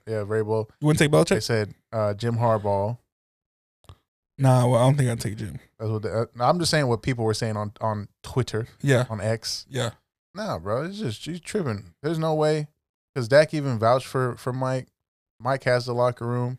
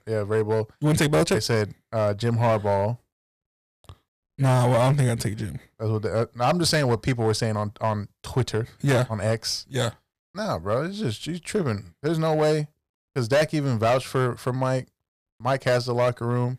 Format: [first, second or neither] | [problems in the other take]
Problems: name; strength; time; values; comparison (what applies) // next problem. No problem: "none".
first | distortion; slight; 6% of the sound clipped